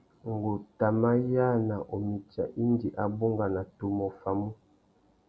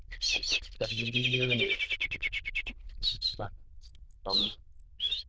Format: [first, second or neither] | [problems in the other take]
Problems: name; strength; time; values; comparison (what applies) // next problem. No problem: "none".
first | noise reduction (neural diffusion model UNIVERSE++)